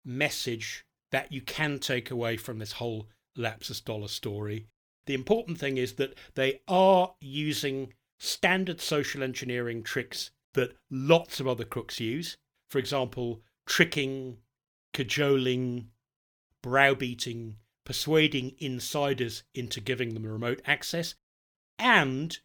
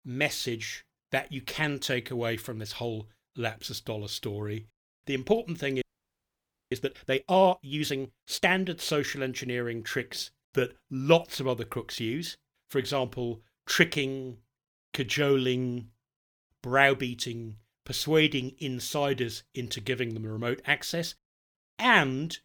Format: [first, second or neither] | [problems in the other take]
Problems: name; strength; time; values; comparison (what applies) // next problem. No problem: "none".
first | audio freezing; at 6 s for 1 s